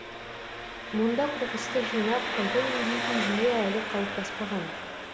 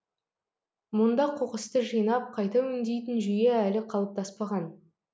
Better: second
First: background sound (Engine); 3 dB below the speech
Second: none

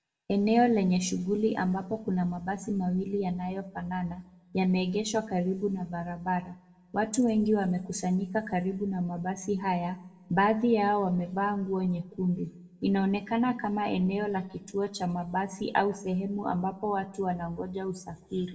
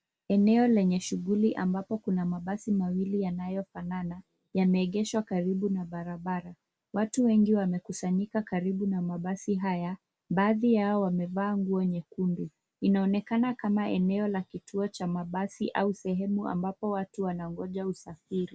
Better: second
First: room echo; dies away in 0.6 s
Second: none

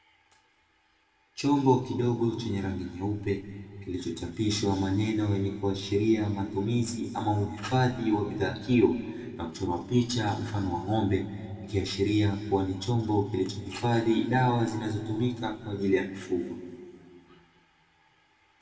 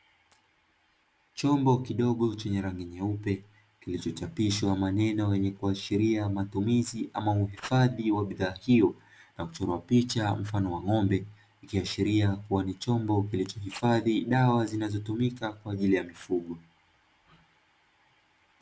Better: second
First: room echo; dies away in 2.1 s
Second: none

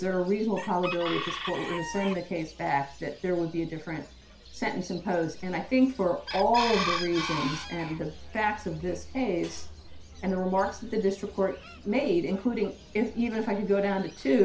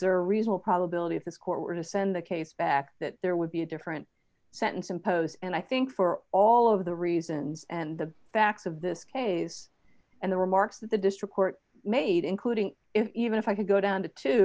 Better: second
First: background sound (Chicken, rooster); 11 dB below the speech // room echo; dies away in 0.4 s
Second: none

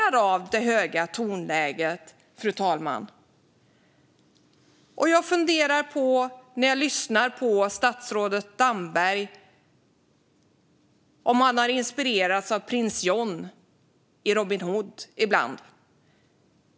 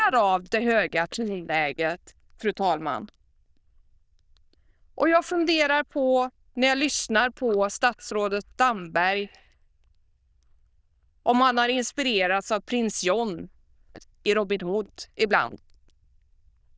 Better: first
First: none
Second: noise reduction (neural diffusion model UNIVERSE++)

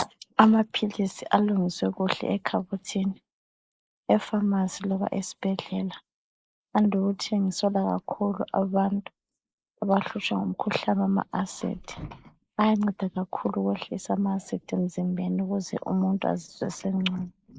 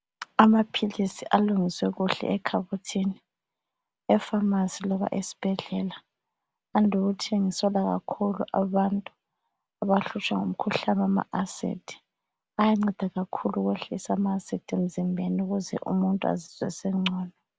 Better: second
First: noise reduction (neural mask model Resemble Enhance denoiser)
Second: none

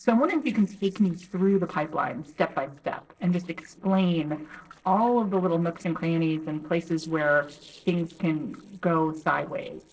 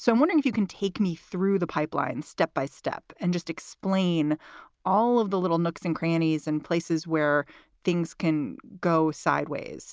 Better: second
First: noise reduction (neural separator model SepFormer DNS4)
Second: none

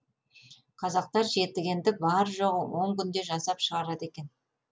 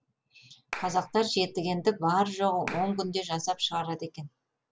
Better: first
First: none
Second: background sound (Clapping); 14 dB below the speech

